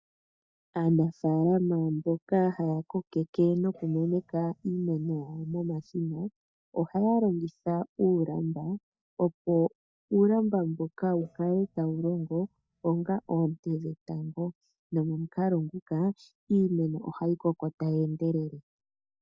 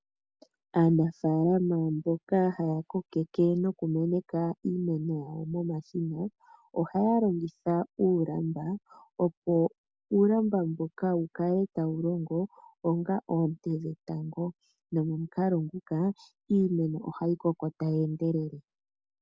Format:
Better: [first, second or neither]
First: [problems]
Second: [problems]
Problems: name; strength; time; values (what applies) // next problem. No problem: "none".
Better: second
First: noise reduction (neural mask model DeepFilterNet 3)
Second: none